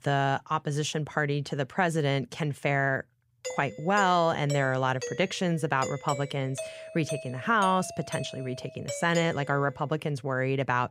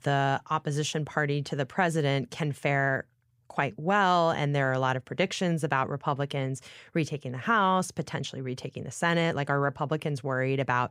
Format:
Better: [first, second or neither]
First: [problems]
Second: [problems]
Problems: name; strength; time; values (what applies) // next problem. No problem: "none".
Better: second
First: doorbell; noticeable; from 3.5 to 9.5 s; peak 8 dB below the speech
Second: none